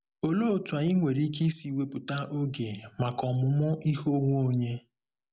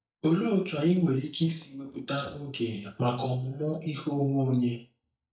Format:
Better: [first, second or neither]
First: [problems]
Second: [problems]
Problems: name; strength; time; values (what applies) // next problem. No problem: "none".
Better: first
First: none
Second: noise reduction (neural mask model DeepFilterNet 3)